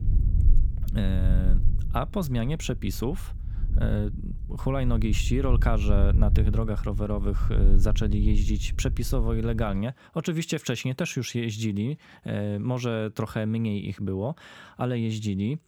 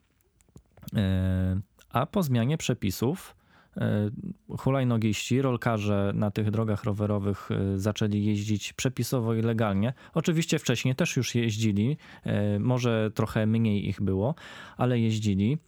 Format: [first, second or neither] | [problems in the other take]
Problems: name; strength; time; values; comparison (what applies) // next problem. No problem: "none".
second | low rumble; noticeable; until 10 s; 15 dB below the speech